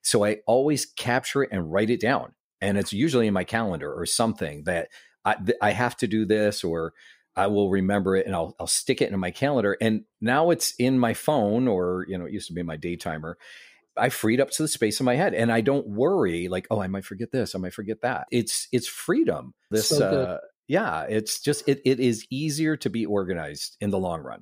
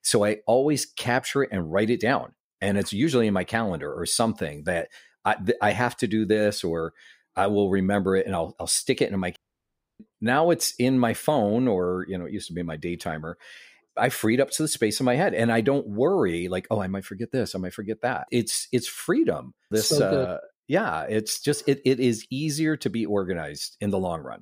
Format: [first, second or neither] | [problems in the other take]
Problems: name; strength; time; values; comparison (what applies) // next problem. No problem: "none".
first | audio cutting out; at 9.5 s for 0.5 s